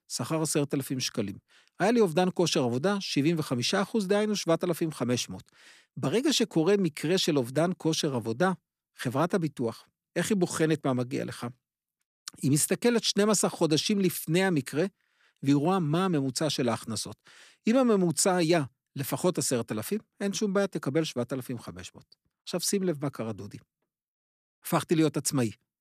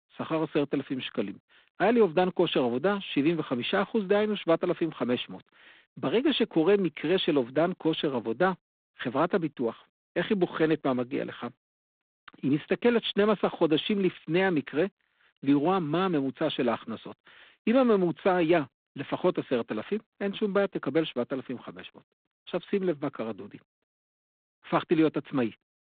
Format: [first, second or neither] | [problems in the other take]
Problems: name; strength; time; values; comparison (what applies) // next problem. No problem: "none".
first | phone-call audio; poor line; nothing above 3.5 kHz